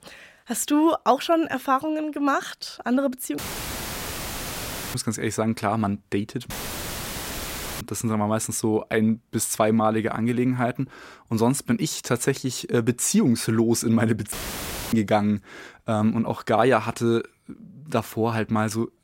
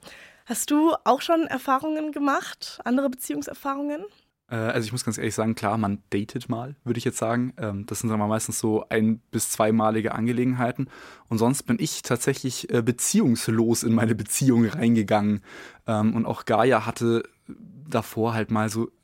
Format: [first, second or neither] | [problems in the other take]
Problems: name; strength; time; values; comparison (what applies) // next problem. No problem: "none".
second | audio cutting out; filled with static; at 3.5 s for 1.5 s, at 6.5 s for 1.5 s and at 14 s for 0.5 s